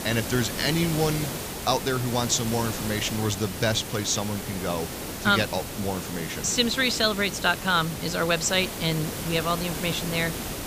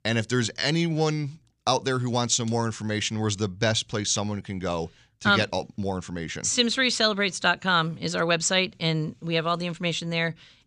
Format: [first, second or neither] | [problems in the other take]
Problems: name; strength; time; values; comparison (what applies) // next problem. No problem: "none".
second | hiss; loud; throughout; 7 dB below the speech